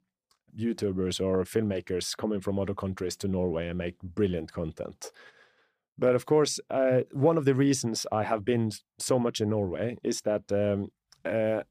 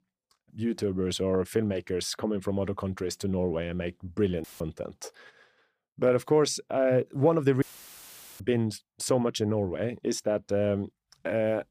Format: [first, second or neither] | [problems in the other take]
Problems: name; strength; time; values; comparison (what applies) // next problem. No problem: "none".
first | audio cutting out; filled with static; at 4.5 s and at 7.5 s for 1 s